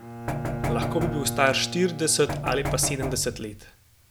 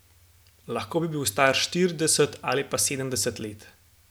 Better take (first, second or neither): second